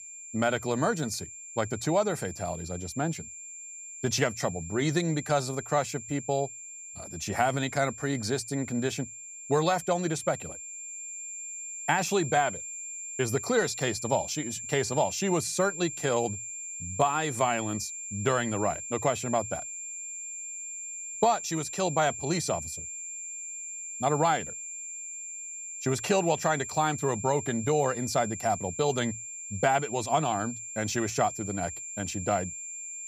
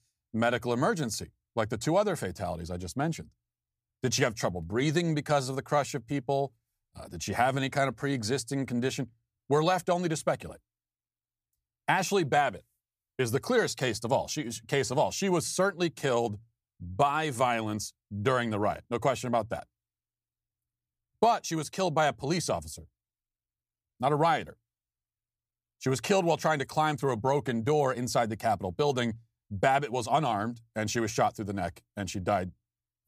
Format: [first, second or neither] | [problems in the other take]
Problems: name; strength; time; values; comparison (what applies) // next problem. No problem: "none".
second | high-pitched whine; loud; throughout; 7.5 kHz, 8 dB below the speech